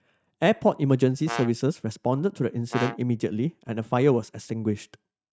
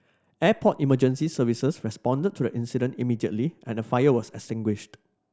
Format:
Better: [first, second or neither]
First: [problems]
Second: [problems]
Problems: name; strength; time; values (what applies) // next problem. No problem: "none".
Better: second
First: noise reduction (neural mask model RNNoise)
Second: none